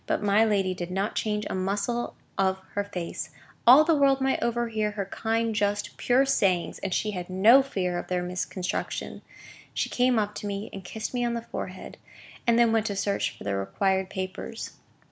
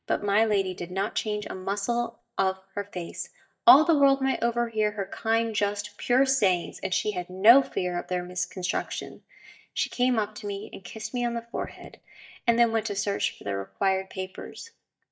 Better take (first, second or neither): first